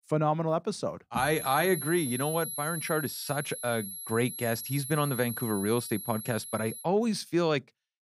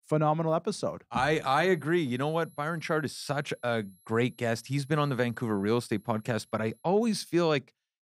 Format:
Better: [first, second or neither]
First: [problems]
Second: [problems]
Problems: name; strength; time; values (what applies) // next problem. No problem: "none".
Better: second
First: high-pitched whine; loud; from 1 to 7 s; 11 kHz, 6 dB below the speech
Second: high-pitched whine; faint; from 1 to 7 s; 11 kHz, 30 dB below the speech